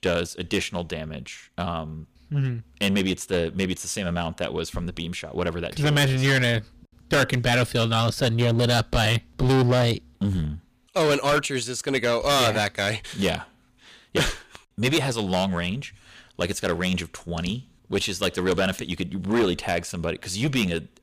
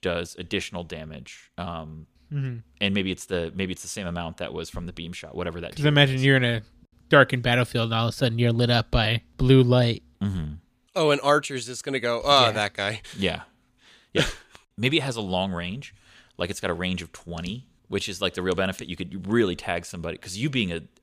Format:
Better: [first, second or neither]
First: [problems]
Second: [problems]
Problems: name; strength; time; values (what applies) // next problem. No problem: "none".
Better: second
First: distortion; heavy; 11% of the sound clipped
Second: none